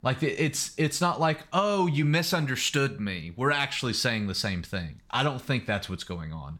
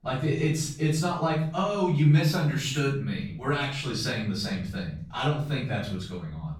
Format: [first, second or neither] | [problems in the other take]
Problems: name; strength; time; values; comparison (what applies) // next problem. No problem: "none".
first | room echo; noticeable; dies away in 0.6 s // off-mic speech; far